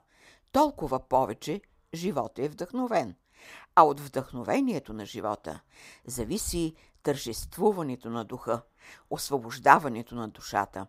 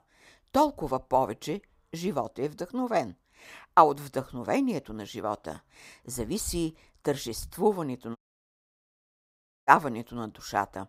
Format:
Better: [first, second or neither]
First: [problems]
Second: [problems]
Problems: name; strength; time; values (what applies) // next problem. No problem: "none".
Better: first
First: none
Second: audio cutting out; at 8 s for 1.5 s